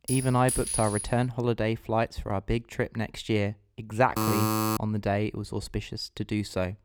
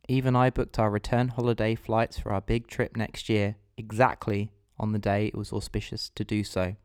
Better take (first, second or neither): second